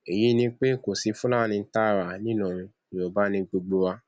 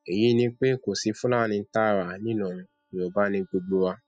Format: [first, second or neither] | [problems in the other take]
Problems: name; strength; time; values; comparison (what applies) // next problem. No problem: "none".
first | noise reduction (classical method spectral subtraction)